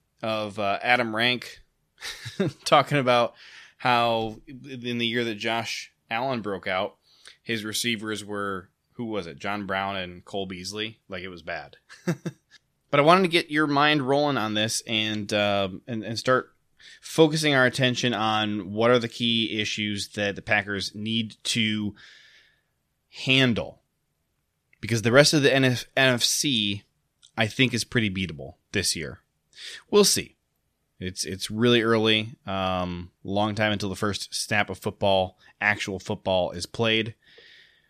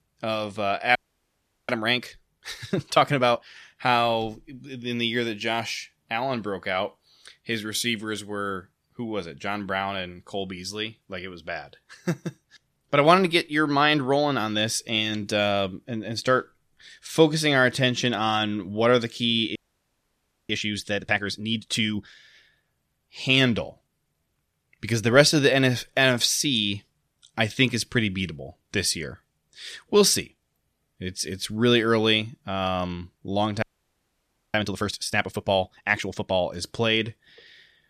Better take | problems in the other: first | audio freezing; at 1 s for 0.5 s, at 20 s for 1 s and at 34 s for 1 s

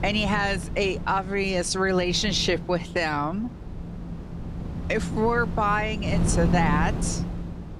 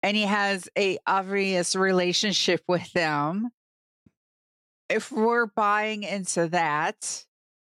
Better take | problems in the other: second | wind noise on the microphone; occasional gusts; 15 dB below the speech

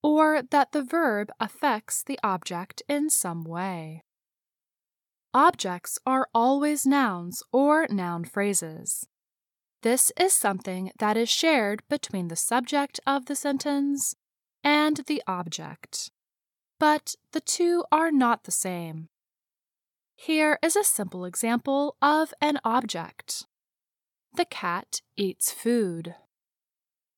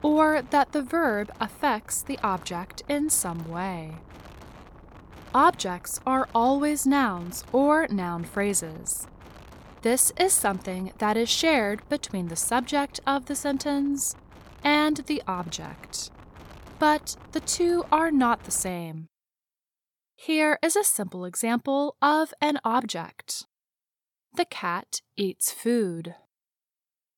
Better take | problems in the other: first | wind noise on the microphone; occasional gusts; until 19 s; 25 dB below the speech

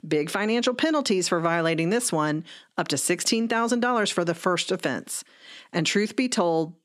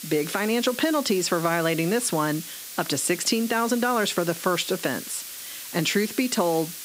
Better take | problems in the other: first | hiss; noticeable; throughout; 10 dB below the speech

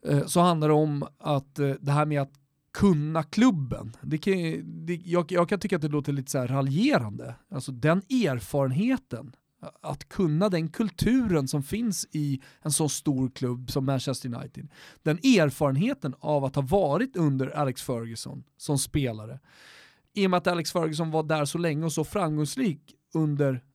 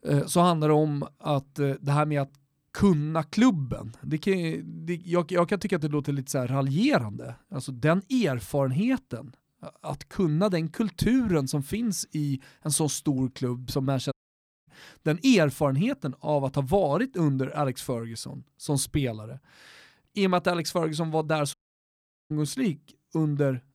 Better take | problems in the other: first | audio cutting out; at 14 s for 0.5 s and at 22 s for 1 s

